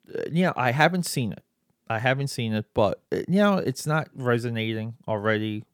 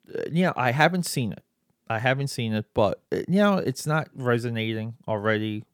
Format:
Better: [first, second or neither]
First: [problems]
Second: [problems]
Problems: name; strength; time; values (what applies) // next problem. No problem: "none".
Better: neither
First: none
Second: none